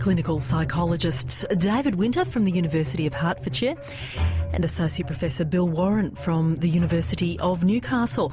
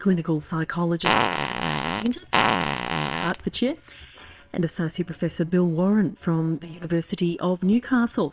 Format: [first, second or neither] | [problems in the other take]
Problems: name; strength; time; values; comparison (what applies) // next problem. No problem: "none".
first | noise reduction (neural separator model SepFormer WHAMR!)